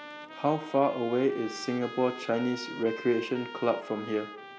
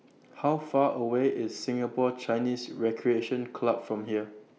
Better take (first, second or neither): second